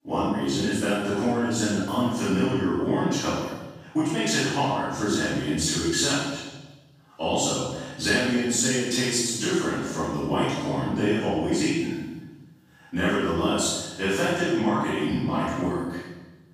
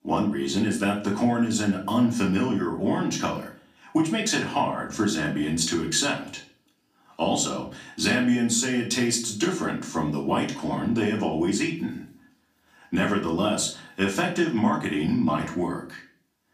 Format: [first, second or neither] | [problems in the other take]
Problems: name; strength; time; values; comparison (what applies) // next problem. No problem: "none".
second | room echo; strong; dies away in 1.1 s; slight in the second // off-mic speech; far; far in the second